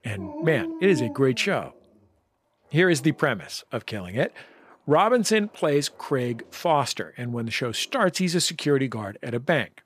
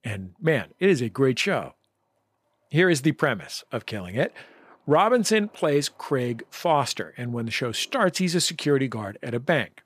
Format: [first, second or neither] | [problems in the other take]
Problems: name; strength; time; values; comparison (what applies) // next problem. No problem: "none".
second | dog barking; noticeable; until 3 s; peak 8 dB below the speech